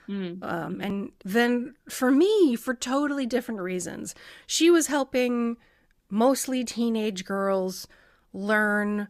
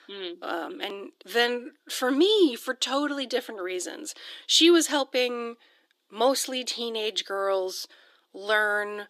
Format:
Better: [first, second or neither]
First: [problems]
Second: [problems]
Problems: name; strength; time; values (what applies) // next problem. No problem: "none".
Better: first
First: none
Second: thin; somewhat; fading below 300 Hz